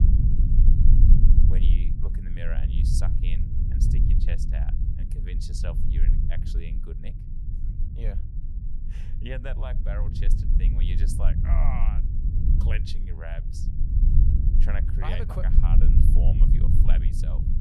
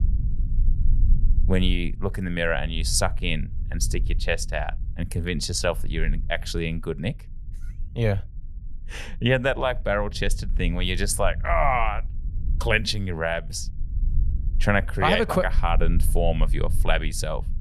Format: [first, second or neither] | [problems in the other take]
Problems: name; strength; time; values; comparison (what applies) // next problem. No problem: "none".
second | low rumble; loud; throughout; 1 dB below the speech; faint in the second